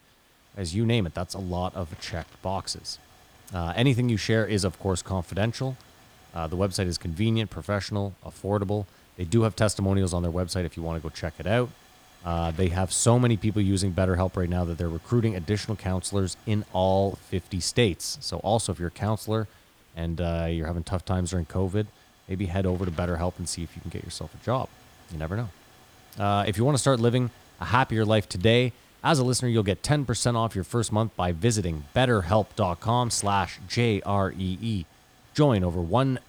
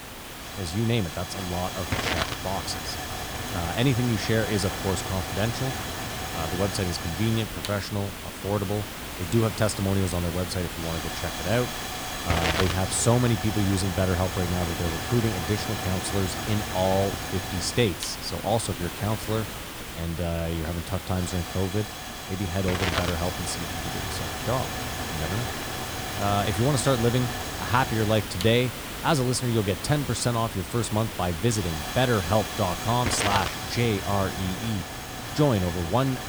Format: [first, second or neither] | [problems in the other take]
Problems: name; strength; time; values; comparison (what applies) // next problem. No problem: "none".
first | hiss; loud; throughout; 4 dB below the speech; faint in the first